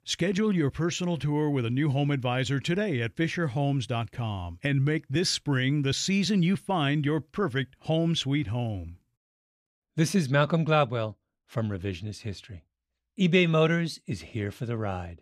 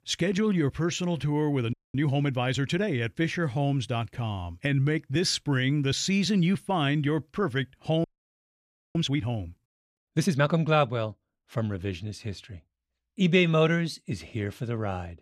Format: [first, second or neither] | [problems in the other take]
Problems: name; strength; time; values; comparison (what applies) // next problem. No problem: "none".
first | audio freezing; at 1.5 s and at 8 s for 1 s